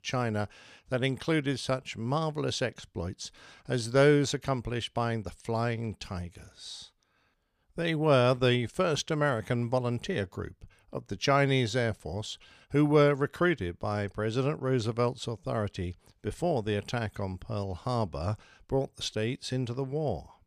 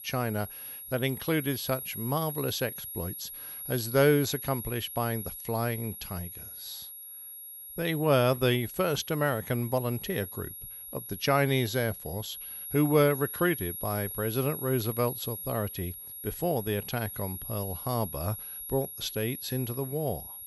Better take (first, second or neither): first